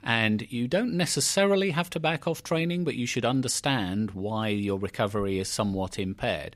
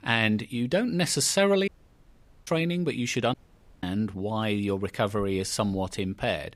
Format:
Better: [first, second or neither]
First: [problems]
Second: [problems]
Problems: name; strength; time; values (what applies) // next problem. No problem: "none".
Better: first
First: none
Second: audio cutting out; at 1.5 s for 1 s and at 3.5 s